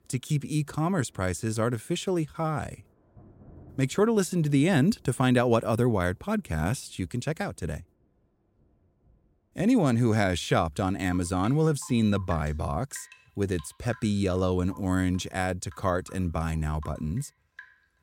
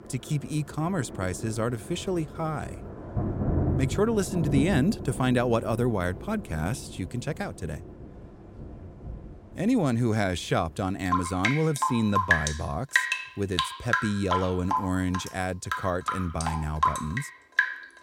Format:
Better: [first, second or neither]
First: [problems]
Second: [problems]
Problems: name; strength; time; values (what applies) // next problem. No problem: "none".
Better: first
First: rain or running water; faint; throughout; 25 dB below the speech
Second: rain or running water; loud; throughout; 1 dB below the speech